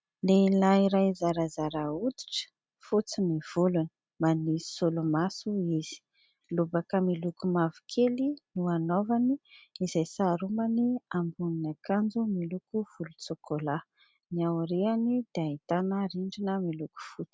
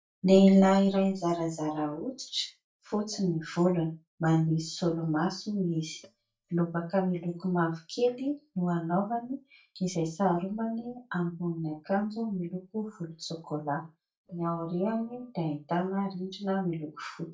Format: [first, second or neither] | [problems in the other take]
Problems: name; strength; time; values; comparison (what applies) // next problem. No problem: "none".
first | noise reduction (neural mask model DeepFilterNet 3)